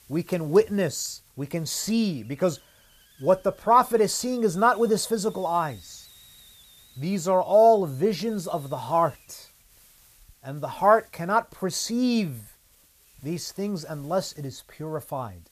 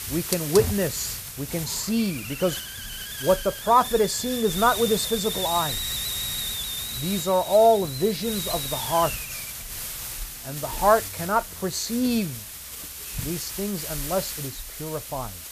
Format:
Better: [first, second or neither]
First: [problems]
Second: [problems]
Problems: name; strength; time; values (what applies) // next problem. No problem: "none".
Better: first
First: hiss; faint; throughout; 30 dB below the speech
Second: hiss; loud; throughout; 5 dB below the speech